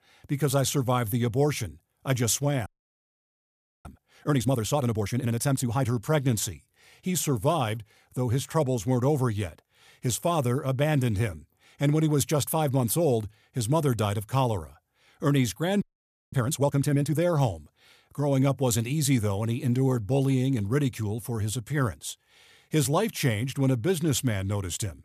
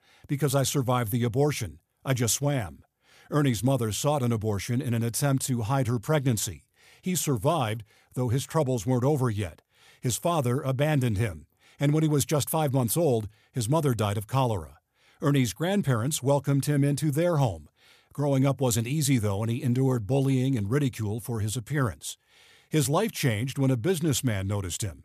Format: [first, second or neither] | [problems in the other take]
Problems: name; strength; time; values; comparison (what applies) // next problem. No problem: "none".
second | audio freezing; at 2.5 s for 1 s and at 16 s for 0.5 s